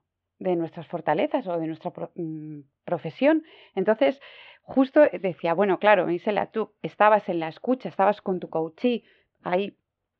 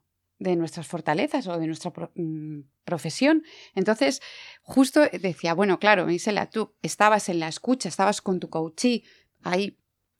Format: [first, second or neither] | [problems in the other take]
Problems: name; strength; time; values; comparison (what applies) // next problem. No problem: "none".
second | muffled; very; fading above 3.5 kHz